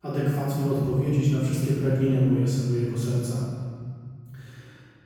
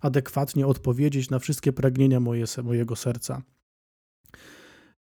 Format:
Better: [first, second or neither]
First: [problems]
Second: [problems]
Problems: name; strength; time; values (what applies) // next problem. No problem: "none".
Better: second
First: off-mic speech; far // room echo; strong; dies away in 2.2 s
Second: none